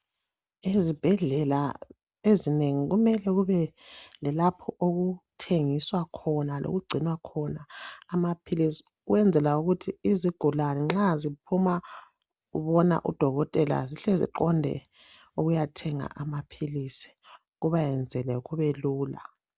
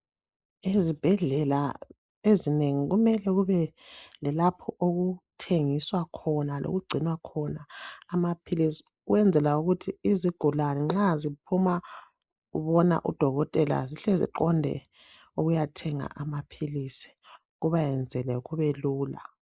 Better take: first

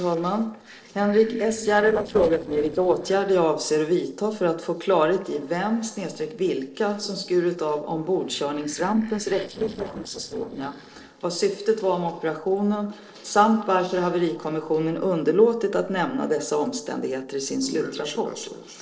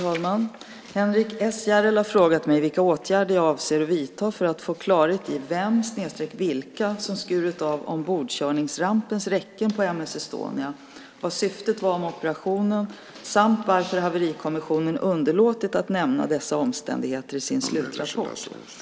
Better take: second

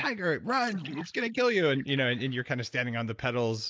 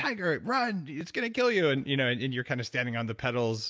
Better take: second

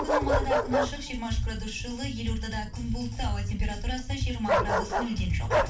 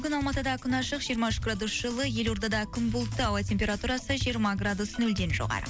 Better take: second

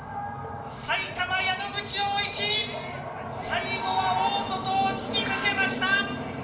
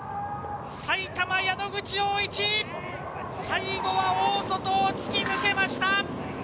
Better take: second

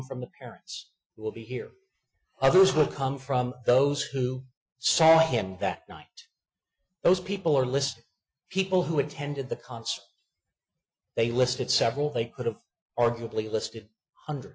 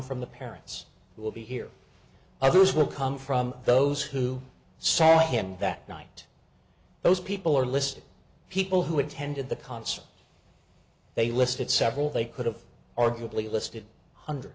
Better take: second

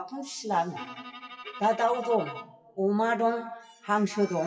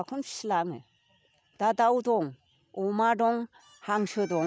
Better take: second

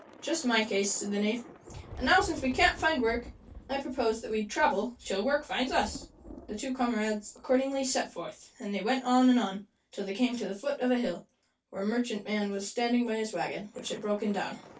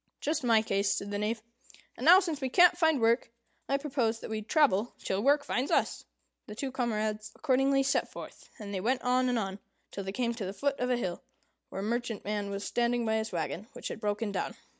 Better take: second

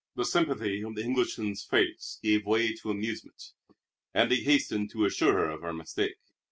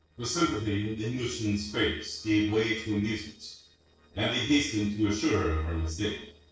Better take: first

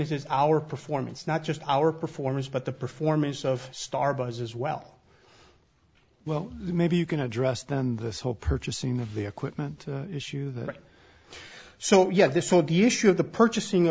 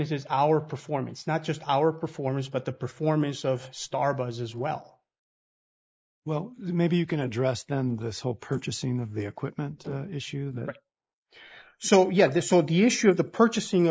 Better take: first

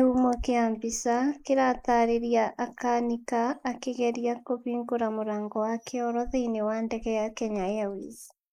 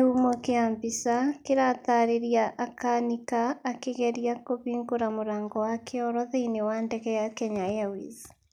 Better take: second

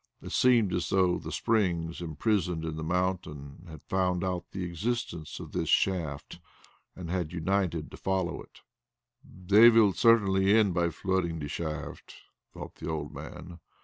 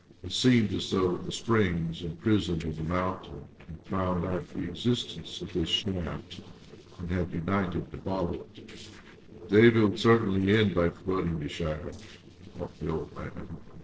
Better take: first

